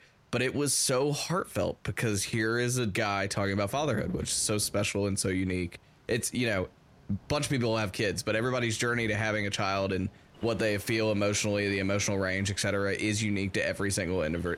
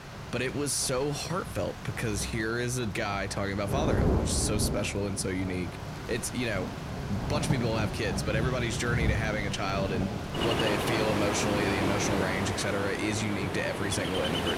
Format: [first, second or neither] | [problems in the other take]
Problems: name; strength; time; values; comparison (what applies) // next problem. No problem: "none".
first | rain or running water; loud; throughout; 1 dB below the speech; faint in the first